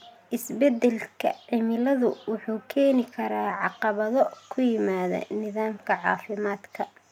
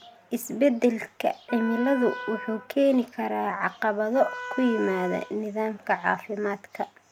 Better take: first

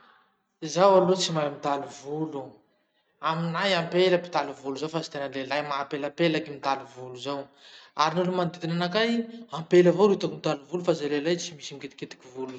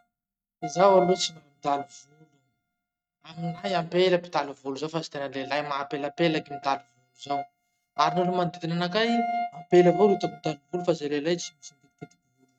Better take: first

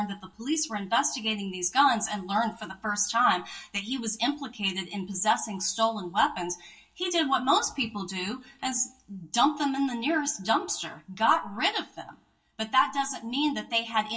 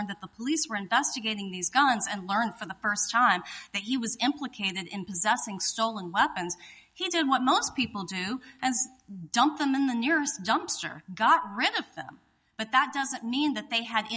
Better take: second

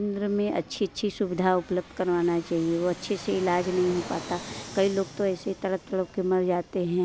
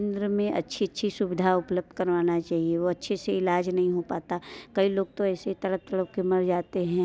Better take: second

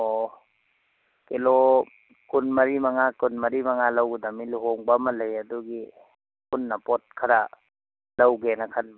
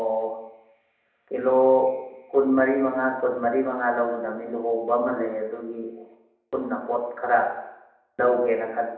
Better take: first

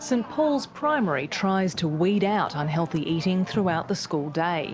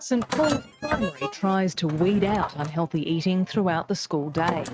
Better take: first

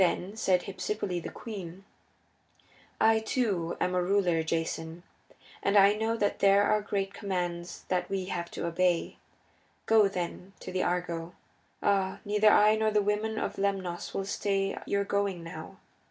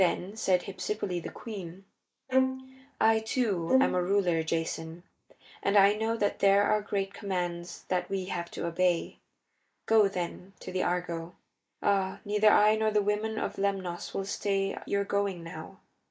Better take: first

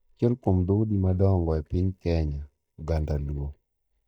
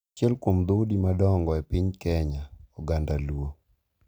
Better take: second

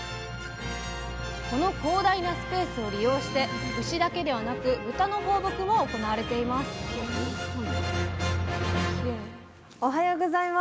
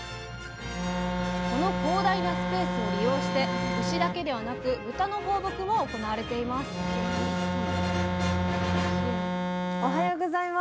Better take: first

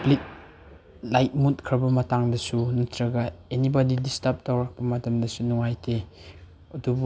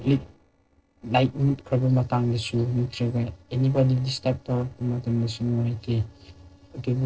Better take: first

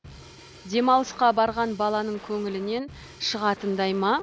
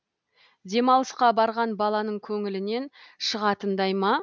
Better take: second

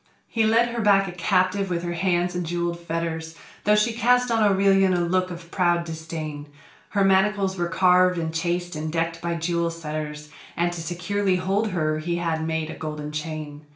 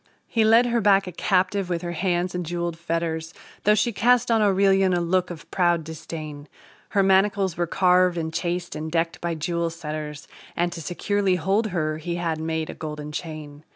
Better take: second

